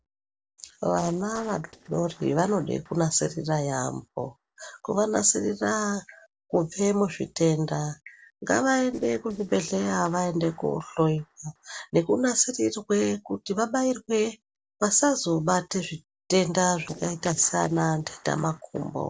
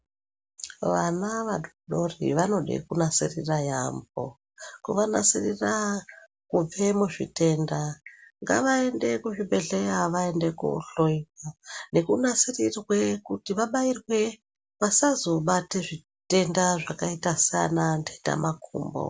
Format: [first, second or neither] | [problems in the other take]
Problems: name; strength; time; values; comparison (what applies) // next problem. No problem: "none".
second | noise reduction (neural separator model SepFormer DNS4)